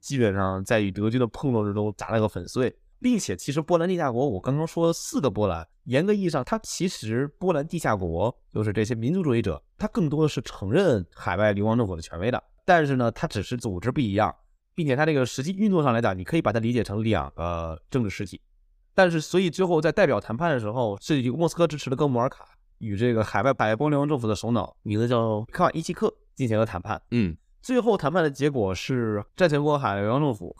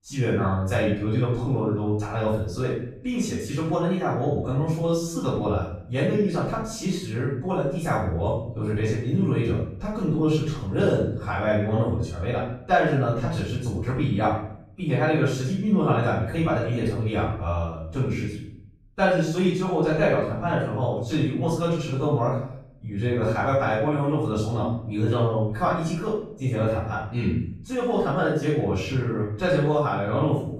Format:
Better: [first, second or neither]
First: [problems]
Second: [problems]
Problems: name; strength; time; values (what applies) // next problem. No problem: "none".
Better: first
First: none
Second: off-mic speech; far // room echo; noticeable; dies away in 0.6 s